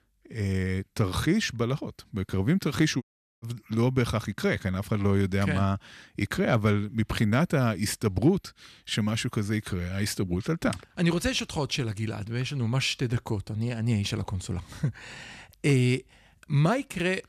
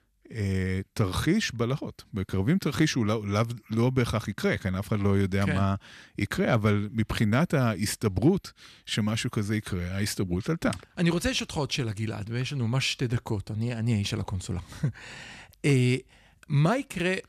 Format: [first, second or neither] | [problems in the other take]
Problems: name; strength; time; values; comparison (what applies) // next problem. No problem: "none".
second | audio cutting out; at 3 s